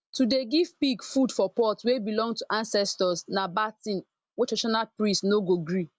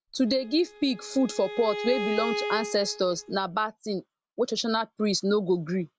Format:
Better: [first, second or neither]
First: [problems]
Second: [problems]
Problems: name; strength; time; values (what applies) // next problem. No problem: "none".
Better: first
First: none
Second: background sound (Bowed string instrument); 8 dB below the speech